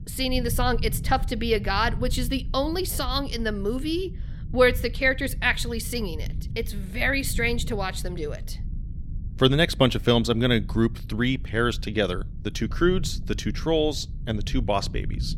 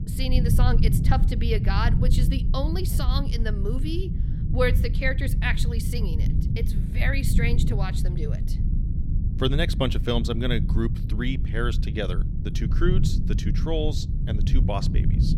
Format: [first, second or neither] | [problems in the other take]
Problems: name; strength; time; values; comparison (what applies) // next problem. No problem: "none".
first | low rumble; loud; throughout; 8 dB below the speech; faint in the first